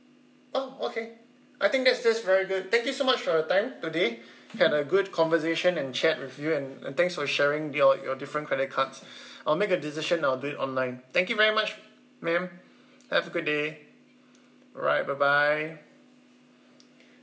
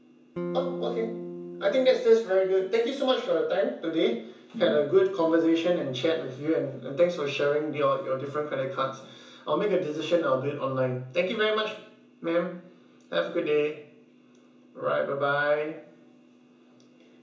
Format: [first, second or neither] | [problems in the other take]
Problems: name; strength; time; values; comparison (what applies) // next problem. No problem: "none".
first | background sound (Electric guitar / Strum); 8 dB below the speech // room echo; dies away in 0.7 s